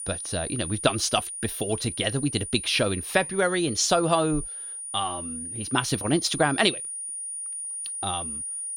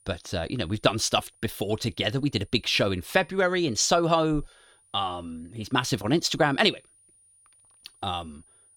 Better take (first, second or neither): second